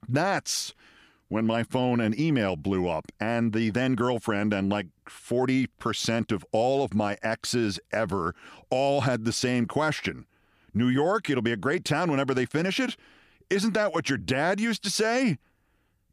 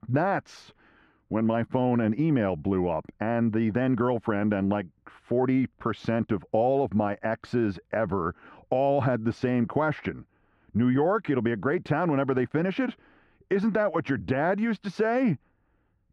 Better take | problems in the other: first | muffled; very; fading above 3.5 kHz

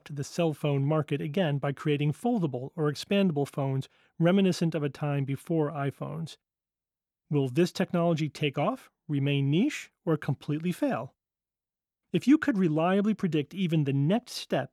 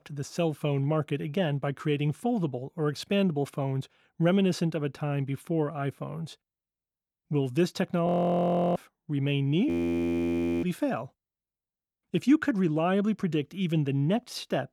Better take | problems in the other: first | audio freezing; at 8 s for 0.5 s and at 9.5 s for 1 s

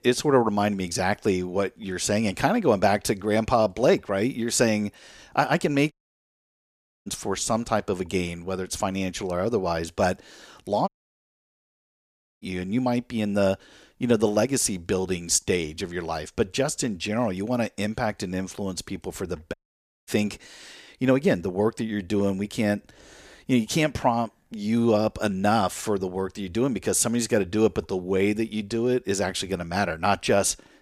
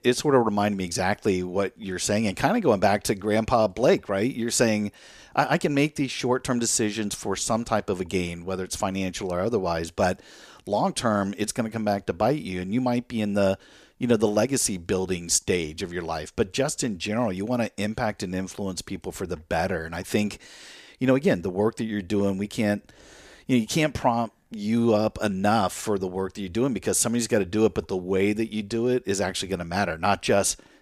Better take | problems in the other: second | audio cutting out; at 6 s for 1 s, at 11 s for 1.5 s and at 20 s for 0.5 s

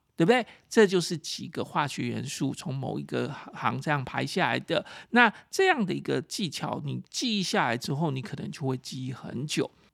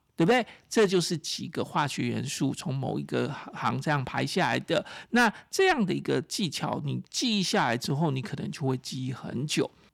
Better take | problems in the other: first | distortion; slight; 10 dB below the speech

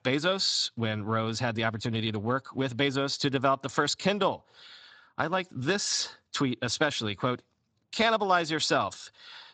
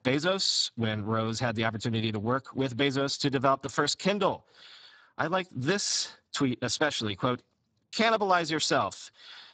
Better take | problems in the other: first | garbled, watery; badly; nothing above 7.5 kHz; slightly in the first

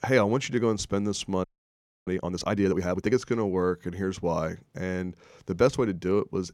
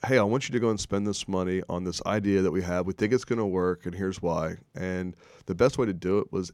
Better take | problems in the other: second | audio freezing; at 1.5 s for 0.5 s

